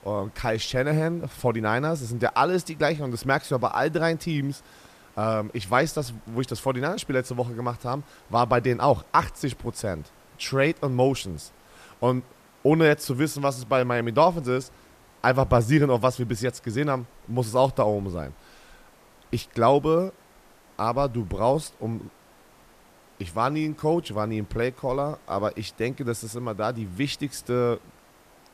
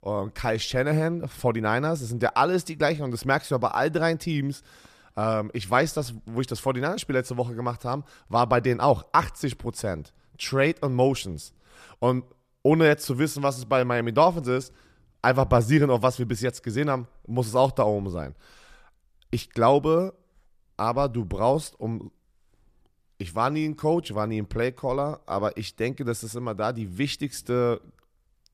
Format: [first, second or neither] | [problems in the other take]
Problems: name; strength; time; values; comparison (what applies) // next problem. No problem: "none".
second | hiss; faint; throughout; 30 dB below the speech